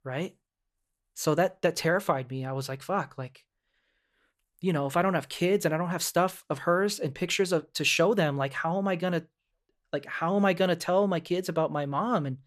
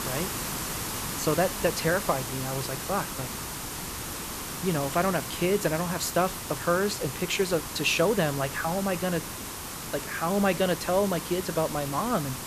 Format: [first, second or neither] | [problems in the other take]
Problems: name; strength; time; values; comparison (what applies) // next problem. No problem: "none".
first | hiss; loud; throughout; 6 dB below the speech